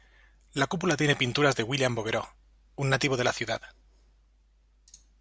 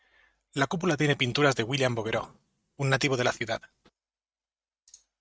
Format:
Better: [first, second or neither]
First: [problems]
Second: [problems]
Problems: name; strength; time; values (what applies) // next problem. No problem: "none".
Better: first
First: none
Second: noise reduction (neural mask model RNNoise)